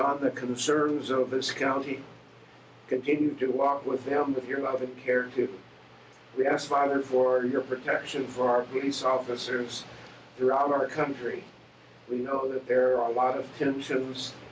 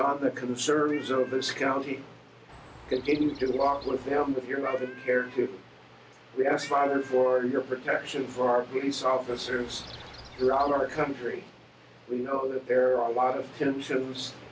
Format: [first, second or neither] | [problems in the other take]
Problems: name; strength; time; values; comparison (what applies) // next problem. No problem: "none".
first | background sound (Cat + Chirp, tweet); 19 dB below the speech